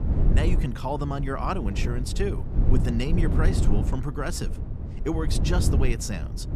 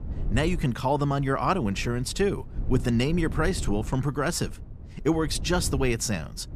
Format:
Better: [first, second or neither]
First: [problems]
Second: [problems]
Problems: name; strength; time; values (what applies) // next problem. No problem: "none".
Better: second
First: low rumble; loud; throughout; 7 dB below the speech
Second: low rumble; faint; throughout; 20 dB below the speech